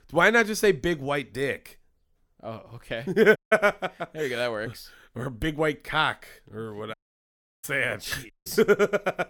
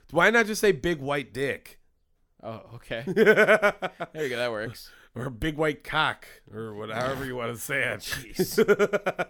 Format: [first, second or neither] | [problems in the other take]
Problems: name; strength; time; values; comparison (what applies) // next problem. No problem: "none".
second | audio cutting out; at 3.5 s, at 7 s for 0.5 s and at 8.5 s